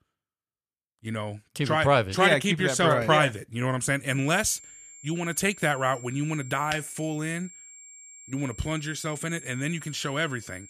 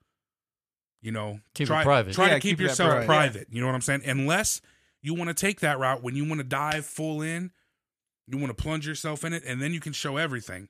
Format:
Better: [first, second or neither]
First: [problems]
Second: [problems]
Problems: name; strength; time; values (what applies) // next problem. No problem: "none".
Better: second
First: high-pitched whine; noticeable; from 4 s on; 7.5 kHz, 20 dB below the speech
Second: none